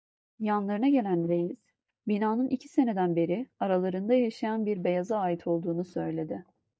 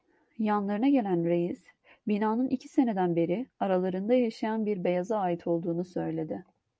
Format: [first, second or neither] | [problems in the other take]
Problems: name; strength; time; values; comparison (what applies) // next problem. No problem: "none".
second | noise reduction (neural mask model DeepFilterNet 3)